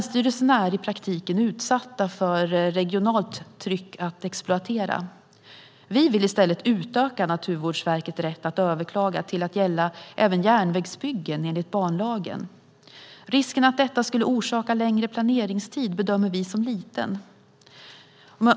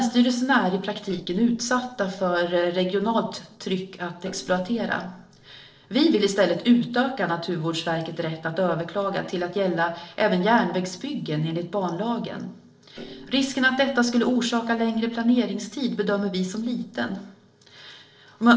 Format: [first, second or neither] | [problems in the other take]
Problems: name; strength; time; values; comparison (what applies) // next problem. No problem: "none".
first | noise reduction (neural separator model SepFormer DNS4)